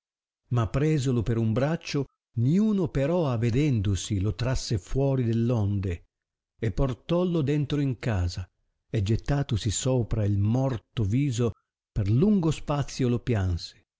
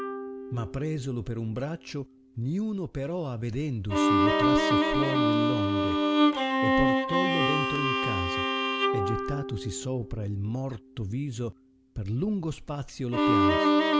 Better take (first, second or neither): first